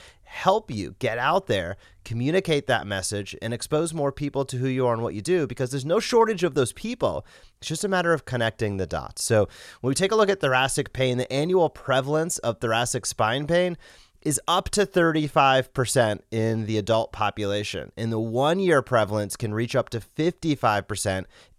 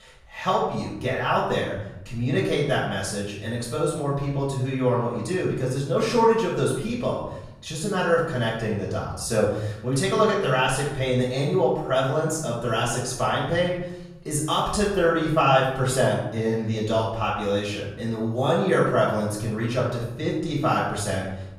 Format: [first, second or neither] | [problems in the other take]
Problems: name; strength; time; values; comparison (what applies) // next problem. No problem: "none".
first | off-mic speech; far // room echo; noticeable; dies away in 0.8 s